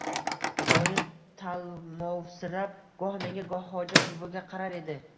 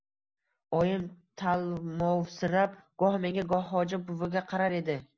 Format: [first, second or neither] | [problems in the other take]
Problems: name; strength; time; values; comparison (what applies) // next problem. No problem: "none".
second | background sound (Microwave oven); 4 dB above the speech // room echo; dies away in 1.8 s